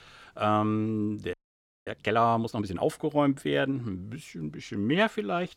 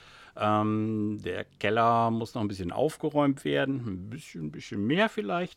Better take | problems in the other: second | audio freezing; at 1.5 s for 0.5 s

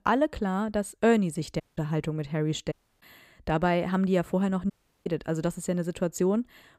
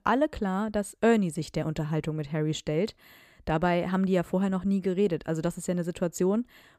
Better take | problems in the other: second | audio cutting out; at 1.5 s, at 2.5 s and at 4.5 s

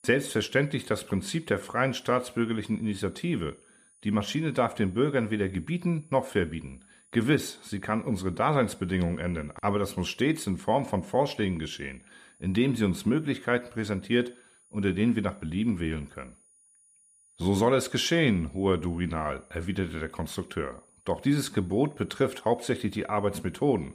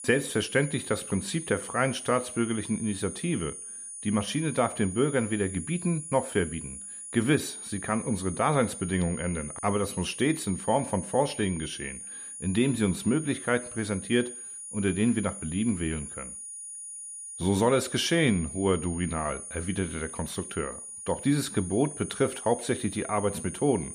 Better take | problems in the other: first | high-pitched whine; loud; throughout; 9.5 kHz, 9 dB below the speech; faint in the first

